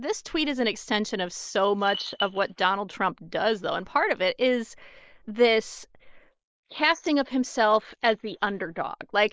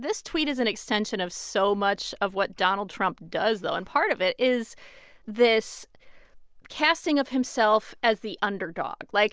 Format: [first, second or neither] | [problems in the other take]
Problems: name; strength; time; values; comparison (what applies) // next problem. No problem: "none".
second | noise reduction (neural mask model Resemble Enhance denoiser)